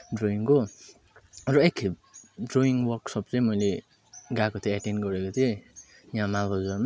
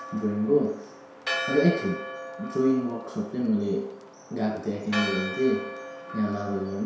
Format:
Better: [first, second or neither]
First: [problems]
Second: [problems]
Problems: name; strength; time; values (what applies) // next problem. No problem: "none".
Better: first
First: none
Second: background sound (Church bell); 9 dB below the speech // room echo; dies away in 0.7 s